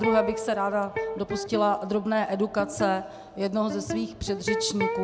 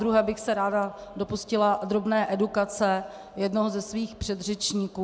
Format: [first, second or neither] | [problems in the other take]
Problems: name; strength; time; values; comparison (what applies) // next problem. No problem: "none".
second | background sound (Electric guitar); 6 dB below the speech